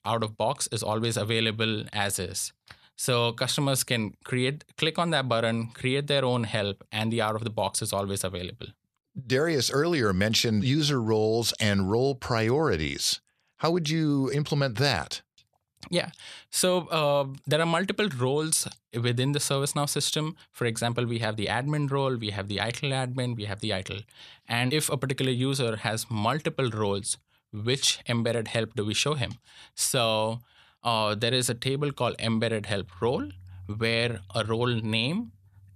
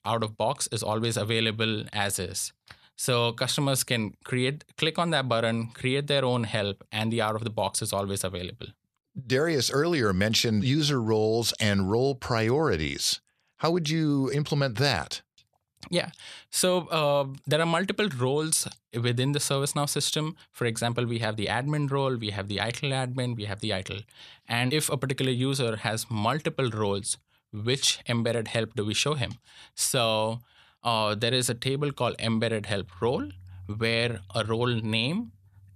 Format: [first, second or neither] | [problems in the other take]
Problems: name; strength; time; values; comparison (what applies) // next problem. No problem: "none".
neither | none